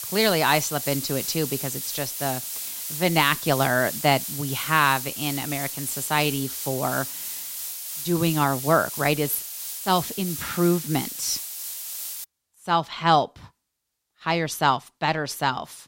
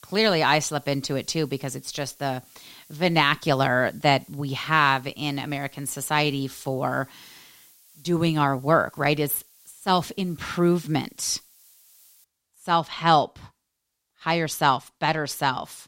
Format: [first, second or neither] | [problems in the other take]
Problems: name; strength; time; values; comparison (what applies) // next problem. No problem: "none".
second | hiss; loud; until 12 s; 6 dB below the speech; faint in the second